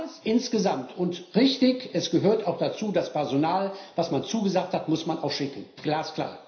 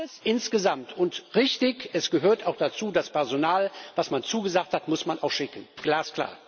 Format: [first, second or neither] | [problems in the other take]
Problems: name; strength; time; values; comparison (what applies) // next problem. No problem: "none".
second | room echo; dies away in 0.5 s